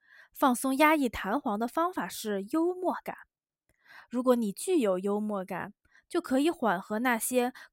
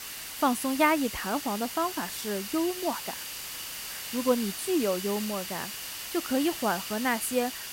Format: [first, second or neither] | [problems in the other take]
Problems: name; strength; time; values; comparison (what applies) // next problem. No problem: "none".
first | hiss; loud; throughout; 6 dB below the speech